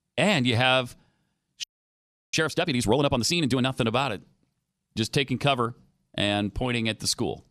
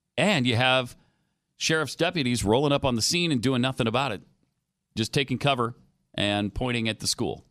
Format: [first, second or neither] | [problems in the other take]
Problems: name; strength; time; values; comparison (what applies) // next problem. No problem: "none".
second | audio freezing; at 1.5 s for 0.5 s